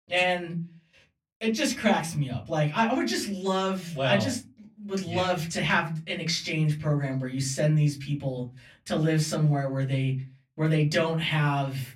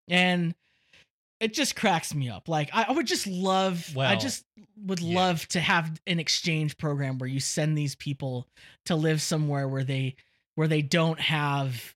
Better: second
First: off-mic speech; far // room echo; very slight; dies away in 0.3 s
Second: none

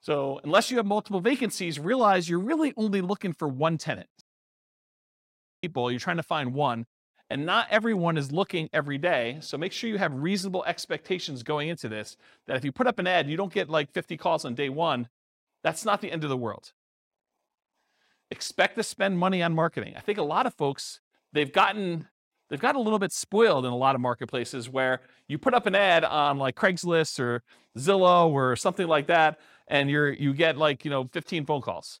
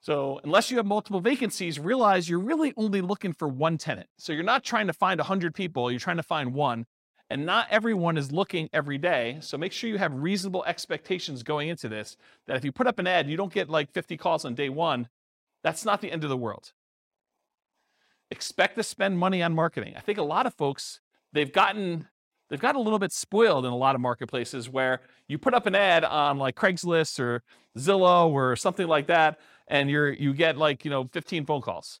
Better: second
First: audio cutting out; at 4 s for 1.5 s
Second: none

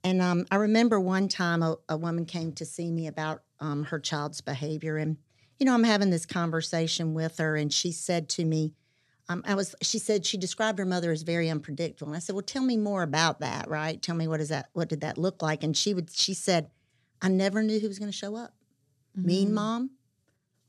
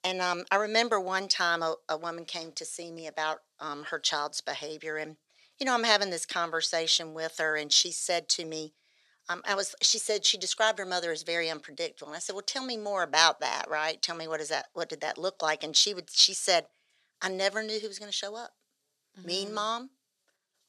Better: first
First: none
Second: thin; very; fading below 700 Hz

